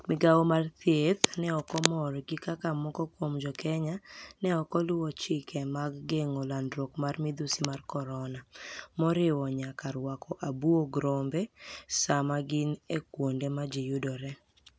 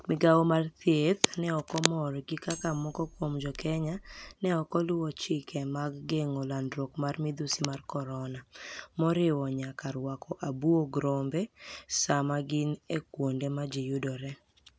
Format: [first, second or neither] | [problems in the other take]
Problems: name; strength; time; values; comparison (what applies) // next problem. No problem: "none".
first | background sound (Cutlery, silverware); 17 dB below the speech